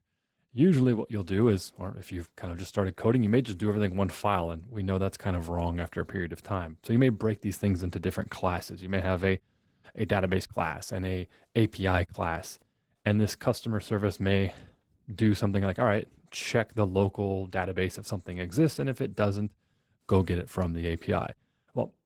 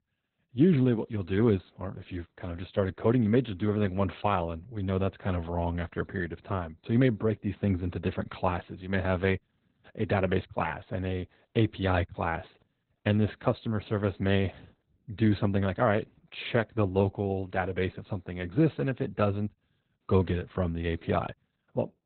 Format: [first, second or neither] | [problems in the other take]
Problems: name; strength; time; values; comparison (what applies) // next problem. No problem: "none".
first | garbled, watery; badly; nothing above 4 kHz; slightly in the first